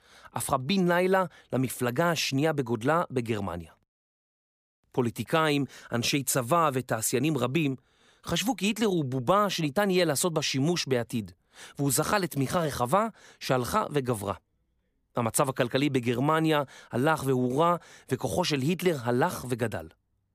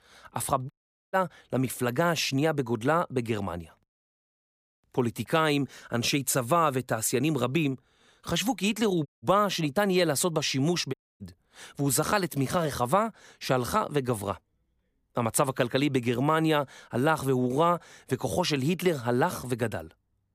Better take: first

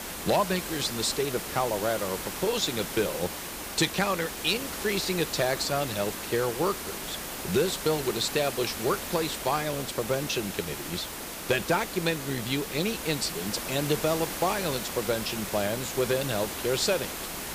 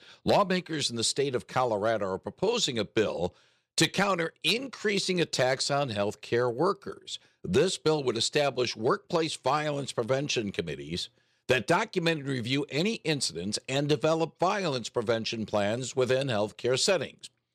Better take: second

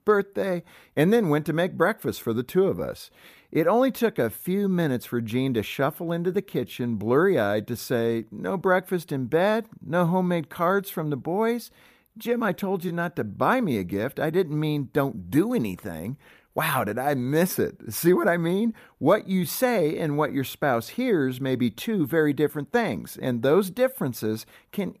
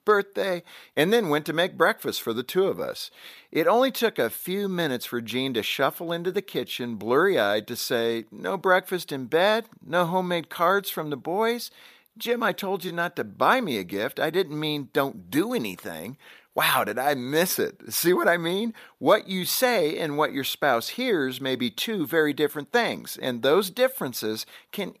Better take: first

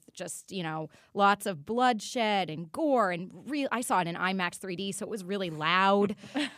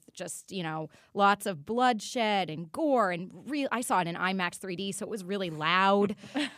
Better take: neither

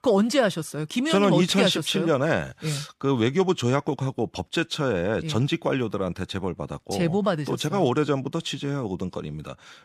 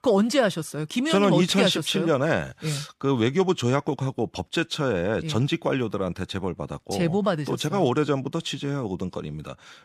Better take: neither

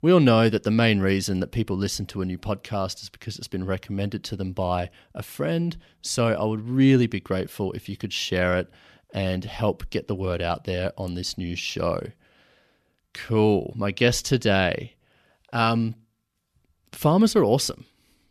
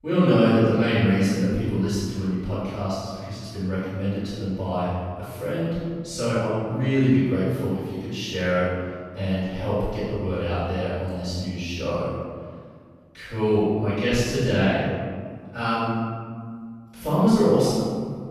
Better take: first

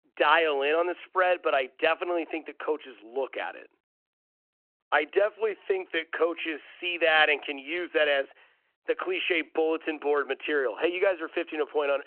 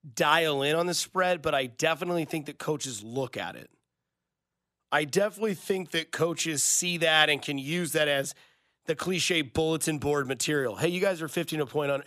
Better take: second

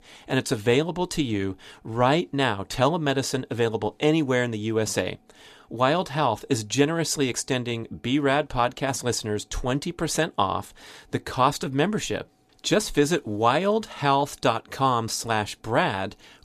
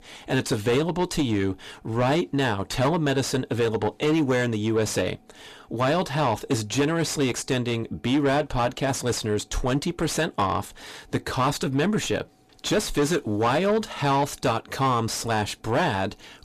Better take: first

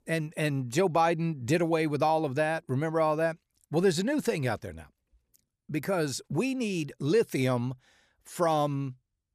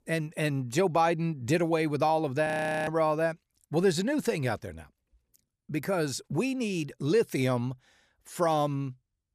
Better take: first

